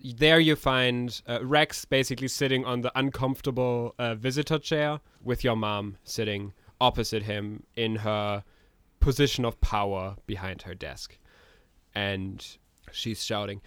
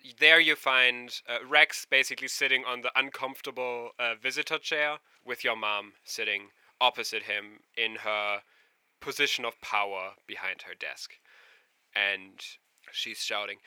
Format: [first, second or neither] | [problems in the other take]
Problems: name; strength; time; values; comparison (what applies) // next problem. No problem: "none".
first | thin; very; fading below 600 Hz